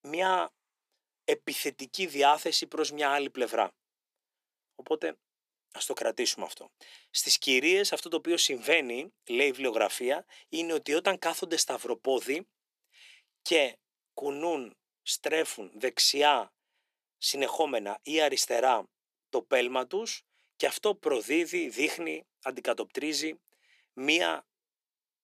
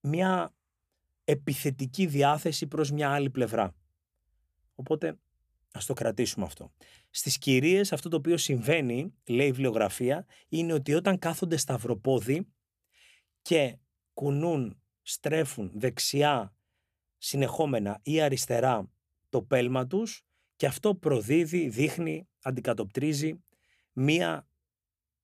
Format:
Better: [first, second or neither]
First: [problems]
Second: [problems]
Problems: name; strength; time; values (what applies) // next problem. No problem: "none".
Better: second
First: thin; somewhat; fading below 300 Hz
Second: none